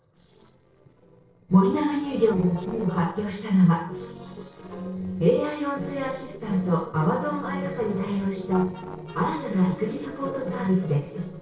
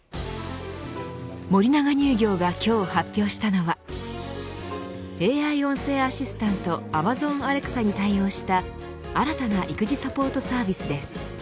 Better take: second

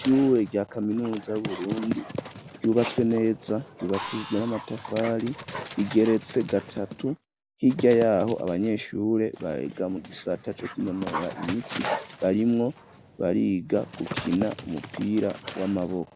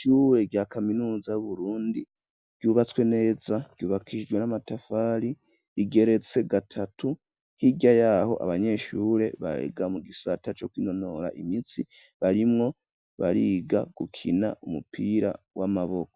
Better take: second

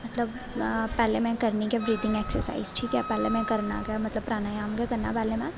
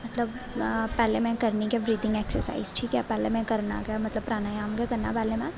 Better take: second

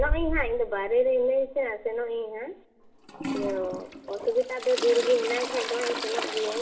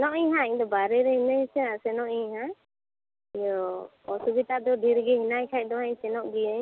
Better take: second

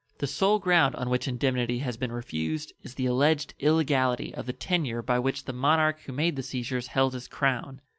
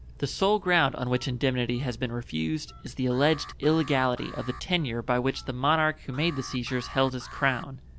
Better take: first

